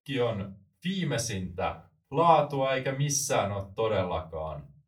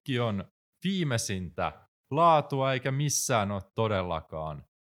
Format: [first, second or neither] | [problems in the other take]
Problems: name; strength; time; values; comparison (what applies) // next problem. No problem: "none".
second | off-mic speech; far // room echo; very slight; dies away in 0.2 s